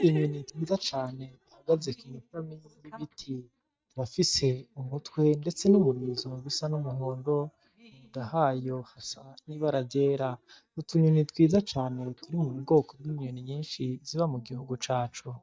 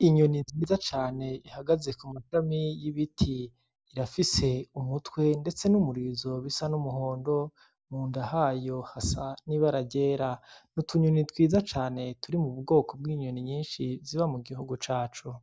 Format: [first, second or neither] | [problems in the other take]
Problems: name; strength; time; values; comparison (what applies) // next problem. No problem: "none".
second | noise reduction (neural mask model DeepFilterNet 3)